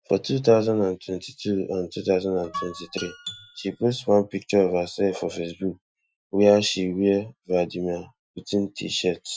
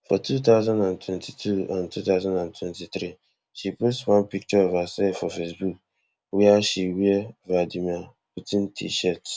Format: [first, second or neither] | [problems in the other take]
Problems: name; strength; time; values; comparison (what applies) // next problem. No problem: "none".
second | noise reduction (classical method Wiener filter)